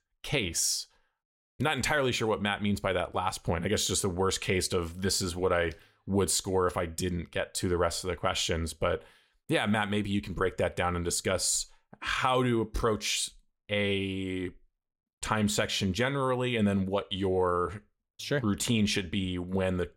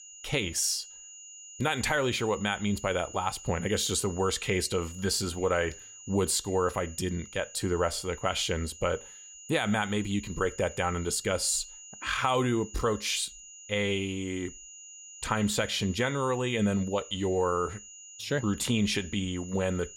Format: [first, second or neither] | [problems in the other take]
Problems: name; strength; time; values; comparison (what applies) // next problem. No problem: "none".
first | high-pitched whine; noticeable; throughout; 7 kHz, 15 dB below the speech